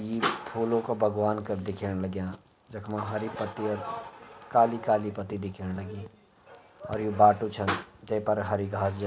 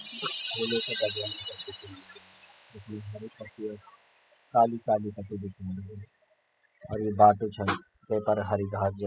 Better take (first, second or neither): first